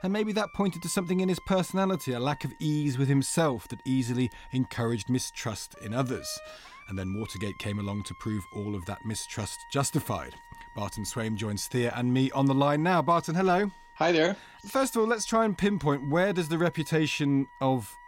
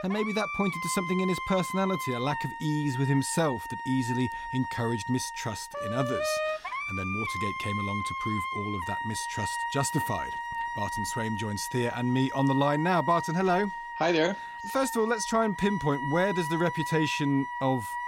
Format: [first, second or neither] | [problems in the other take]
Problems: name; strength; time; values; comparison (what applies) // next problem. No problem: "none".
first | background music; loud; throughout; 4 dB below the speech; faint in the first